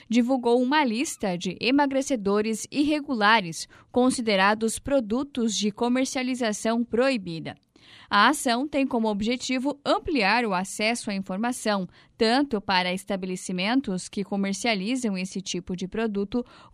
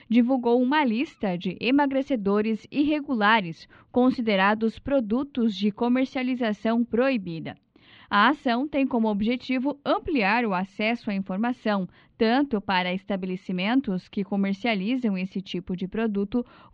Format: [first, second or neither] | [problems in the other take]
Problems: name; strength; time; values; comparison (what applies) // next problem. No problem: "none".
first | muffled; slightly; fading above 3.5 kHz